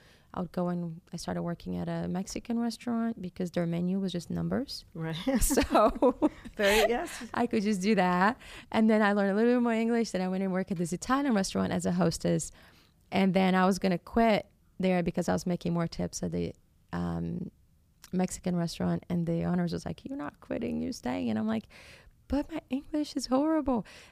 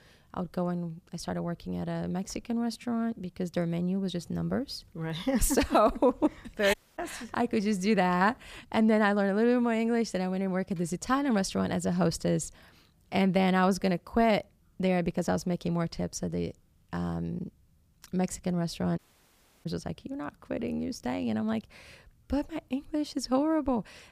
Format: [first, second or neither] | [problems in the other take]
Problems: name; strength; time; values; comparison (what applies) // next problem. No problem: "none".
first | audio cutting out; at 6.5 s and at 19 s for 0.5 s